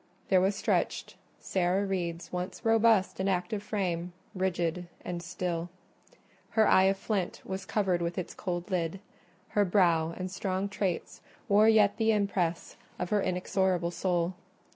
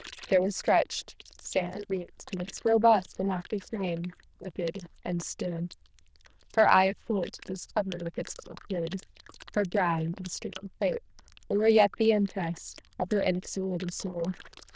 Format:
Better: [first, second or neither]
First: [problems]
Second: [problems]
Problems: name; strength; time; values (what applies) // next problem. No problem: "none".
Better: first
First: none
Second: noise reduction (neural diffusion model UNIVERSE++)